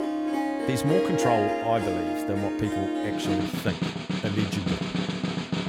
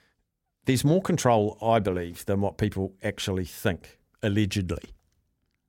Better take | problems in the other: second | background music; very loud; throughout; 2 dB above the speech

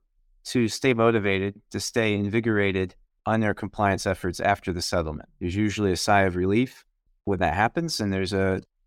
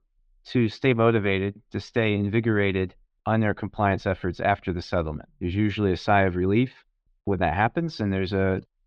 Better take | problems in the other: first | muffled; slightly; fading above 3.5 kHz

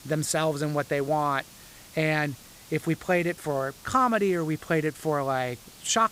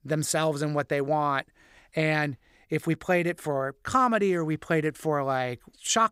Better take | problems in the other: second | hiss; faint; throughout; 20 dB below the speech

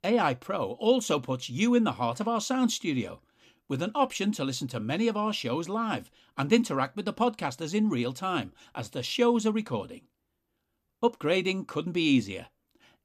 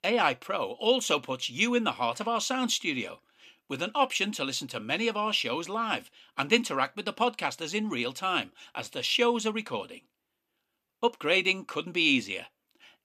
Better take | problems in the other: first | thin; very slightly; fading below 500 Hz

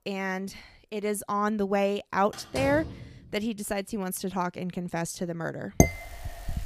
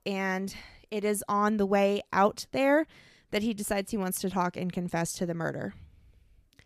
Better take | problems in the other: second | door banging; noticeable; at 2.5 s; peak 5 dB below the speech // clattering dishes; loud; at 6 s; peak 6 dB above the speech

